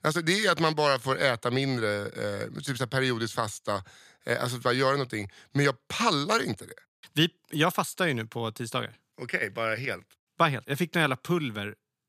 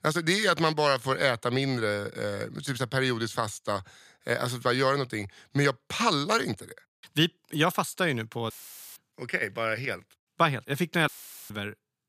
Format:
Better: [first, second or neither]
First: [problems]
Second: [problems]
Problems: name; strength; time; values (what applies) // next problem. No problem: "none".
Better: first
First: none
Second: audio cutting out; filled with static; at 8.5 s and at 11 s